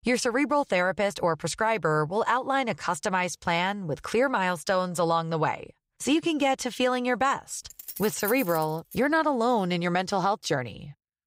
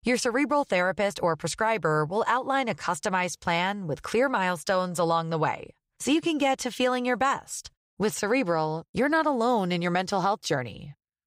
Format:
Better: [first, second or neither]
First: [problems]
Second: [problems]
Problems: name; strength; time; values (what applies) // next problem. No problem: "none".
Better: second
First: jangling keys; noticeable; from 7.5 to 9 s; peak 8 dB below the speech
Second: none